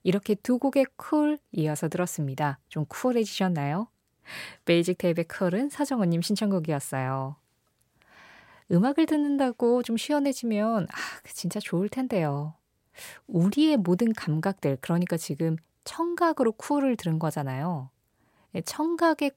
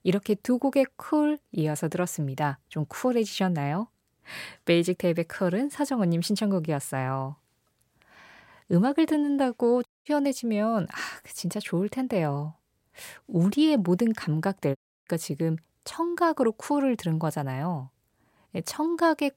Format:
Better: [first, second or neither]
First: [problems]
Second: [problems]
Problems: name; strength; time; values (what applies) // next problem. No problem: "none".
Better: first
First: none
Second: audio cutting out; at 10 s and at 15 s